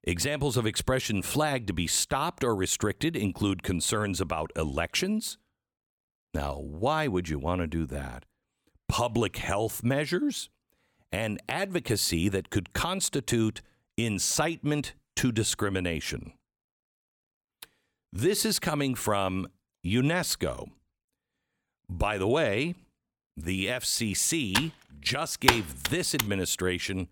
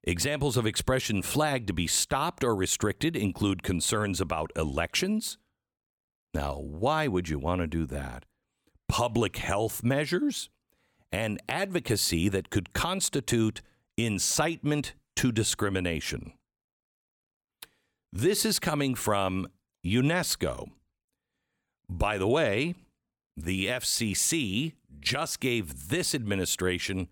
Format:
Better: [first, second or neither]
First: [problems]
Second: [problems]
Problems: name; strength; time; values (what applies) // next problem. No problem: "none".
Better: second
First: keyboard typing; loud; from 25 to 26 s; peak 4 dB above the speech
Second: none